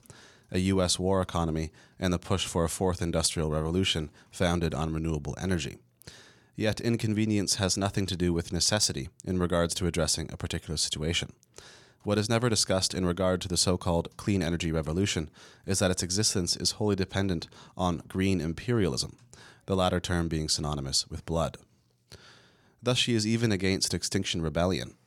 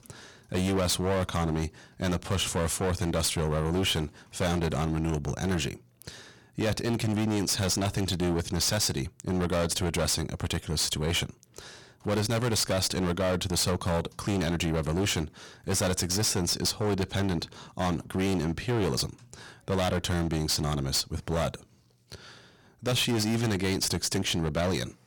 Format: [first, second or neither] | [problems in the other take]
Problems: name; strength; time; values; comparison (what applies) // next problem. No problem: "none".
first | distortion; heavy; 21% of the sound clipped